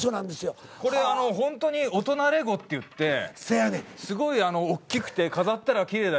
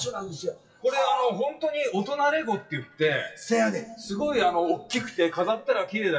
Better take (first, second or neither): first